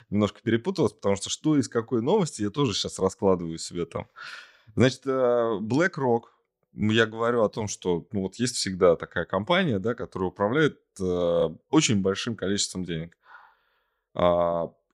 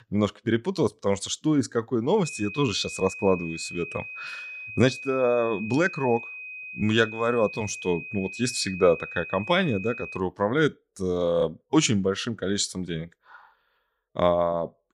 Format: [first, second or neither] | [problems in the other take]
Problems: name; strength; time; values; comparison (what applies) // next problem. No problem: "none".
first | high-pitched whine; noticeable; from 2 to 10 s; 2.5 kHz, 10 dB below the speech